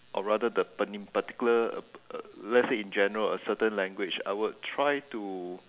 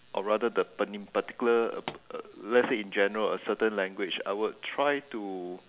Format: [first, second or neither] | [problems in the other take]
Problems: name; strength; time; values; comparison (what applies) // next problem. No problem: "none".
first | background sound (Explosion); 17 dB below the speech